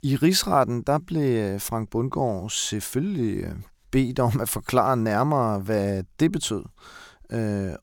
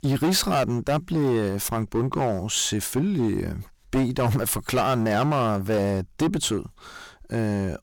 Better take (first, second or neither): first